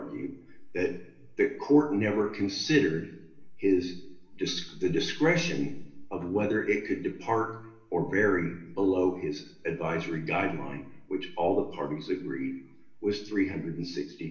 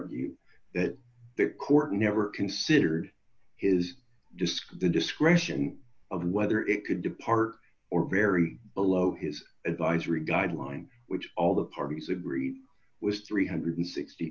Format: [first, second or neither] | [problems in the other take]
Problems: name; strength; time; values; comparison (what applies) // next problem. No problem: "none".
second | room echo; dies away in 0.7 s